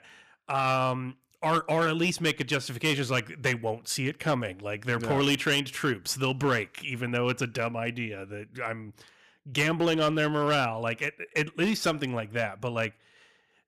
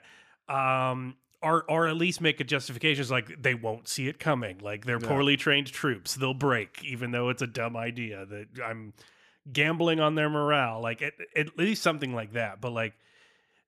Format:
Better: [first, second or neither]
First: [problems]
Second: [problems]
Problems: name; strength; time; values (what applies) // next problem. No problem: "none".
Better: second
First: distortion; slight; 4% of the sound clipped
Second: none